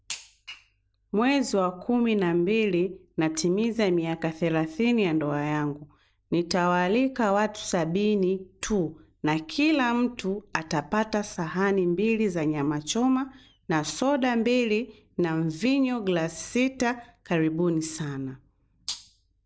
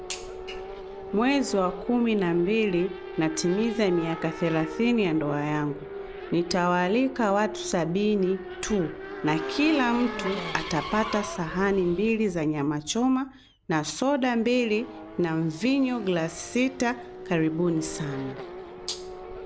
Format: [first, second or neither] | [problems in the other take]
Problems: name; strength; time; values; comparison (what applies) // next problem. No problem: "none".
first | background sound (Race car, auto racing / Accelerating, revving, vroom); 11 dB below the speech